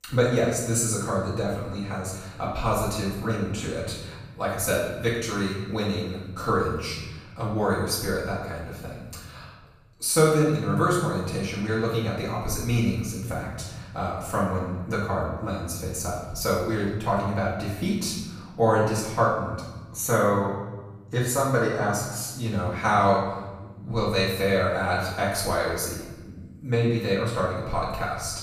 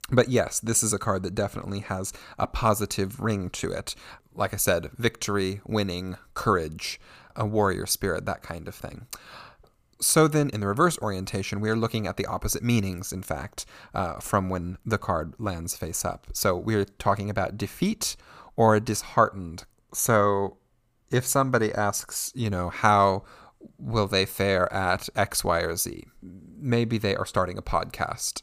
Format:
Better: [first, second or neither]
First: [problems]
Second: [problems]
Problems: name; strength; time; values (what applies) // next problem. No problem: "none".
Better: second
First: off-mic speech; far // room echo; noticeable; dies away in 1.3 s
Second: none